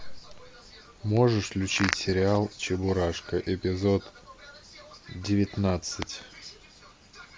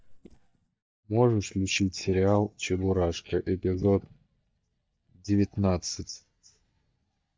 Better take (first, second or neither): first